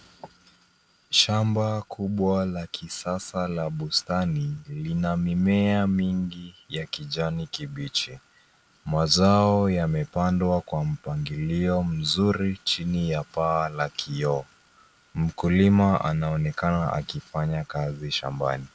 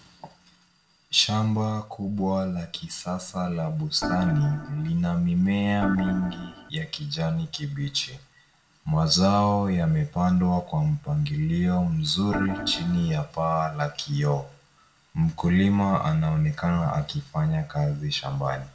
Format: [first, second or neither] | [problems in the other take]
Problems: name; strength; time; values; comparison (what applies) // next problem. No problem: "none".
first | background sound (Organ); 7 dB below the speech // room echo; dies away in 0.4 s